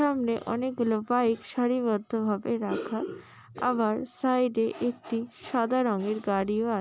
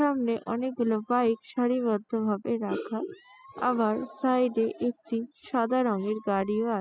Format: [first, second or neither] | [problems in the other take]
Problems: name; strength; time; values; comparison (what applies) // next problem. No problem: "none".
first | noise reduction (classical method spectral subtraction)